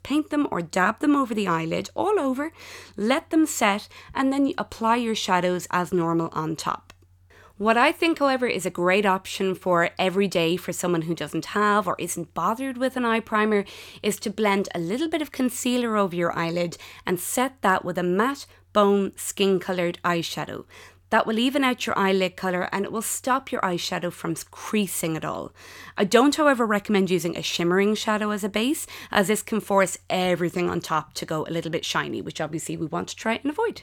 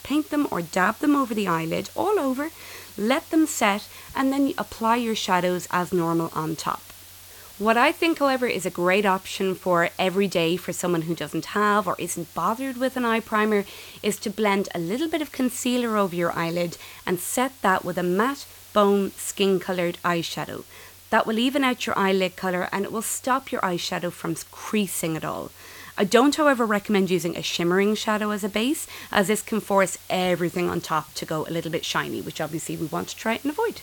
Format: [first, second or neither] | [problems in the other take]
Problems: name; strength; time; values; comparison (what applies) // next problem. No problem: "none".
first | hiss; noticeable; throughout; 20 dB below the speech